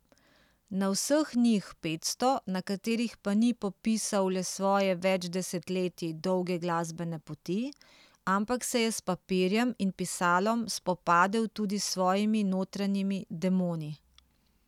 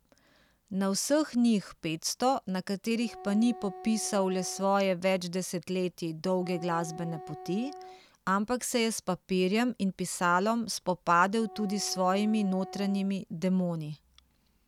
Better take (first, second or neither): first